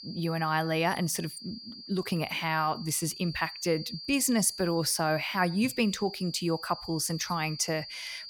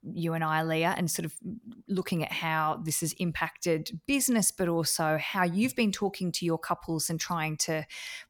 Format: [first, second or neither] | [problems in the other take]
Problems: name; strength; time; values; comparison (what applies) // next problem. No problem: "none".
second | high-pitched whine; noticeable; throughout; 5 kHz, 10 dB below the speech